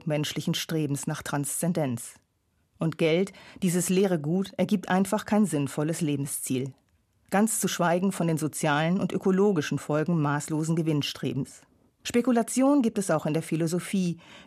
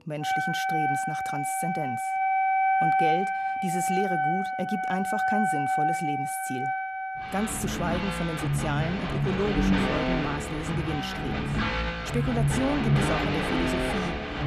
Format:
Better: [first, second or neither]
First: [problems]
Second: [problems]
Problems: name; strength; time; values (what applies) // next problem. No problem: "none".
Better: first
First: none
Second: background music; very loud; throughout; 5 dB above the speech